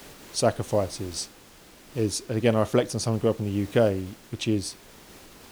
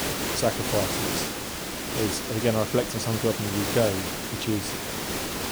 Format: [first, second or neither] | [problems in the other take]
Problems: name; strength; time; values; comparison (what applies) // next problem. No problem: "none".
first | hiss; loud; throughout; 1 dB below the speech; faint in the first